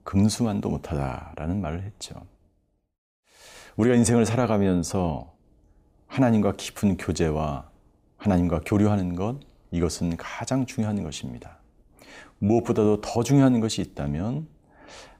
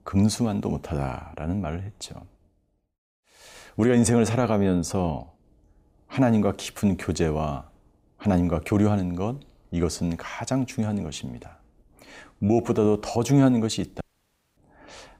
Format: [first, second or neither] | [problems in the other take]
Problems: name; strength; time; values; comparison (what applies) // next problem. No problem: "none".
first | audio cutting out; at 14 s for 0.5 s